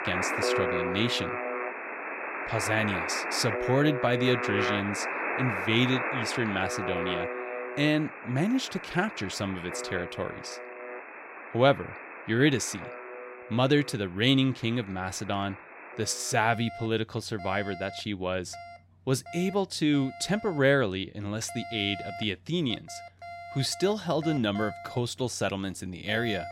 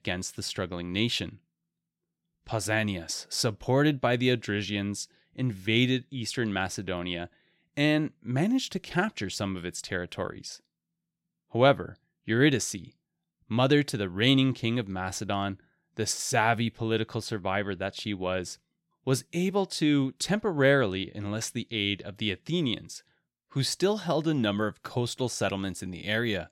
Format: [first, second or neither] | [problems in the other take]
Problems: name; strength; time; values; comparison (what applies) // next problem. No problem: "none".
second | alarms or sirens; loud; throughout; 6 dB below the speech